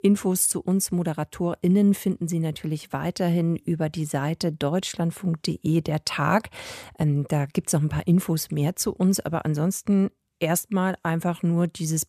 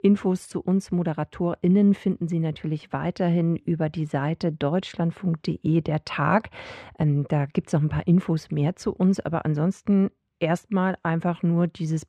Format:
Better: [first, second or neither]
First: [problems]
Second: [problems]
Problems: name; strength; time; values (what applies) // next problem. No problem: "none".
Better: first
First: none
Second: muffled; slightly; fading above 3 kHz